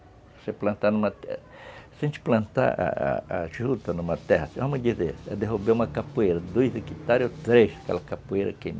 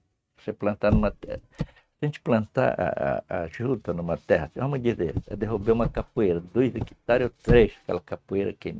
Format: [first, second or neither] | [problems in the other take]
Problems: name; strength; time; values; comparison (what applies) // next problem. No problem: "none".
first | noise reduction (neural mask model RNNoise)